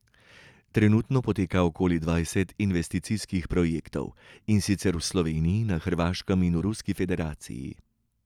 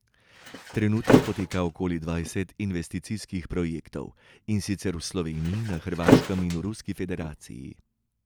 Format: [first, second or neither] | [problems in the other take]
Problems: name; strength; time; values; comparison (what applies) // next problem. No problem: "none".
first | background sound (Thump, thud); 4 dB above the speech